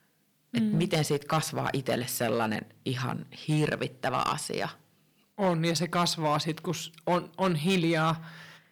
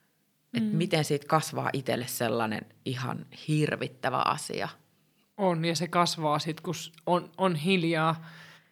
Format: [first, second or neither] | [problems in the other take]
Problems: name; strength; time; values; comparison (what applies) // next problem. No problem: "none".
second | distortion; slight; 4% of the sound clipped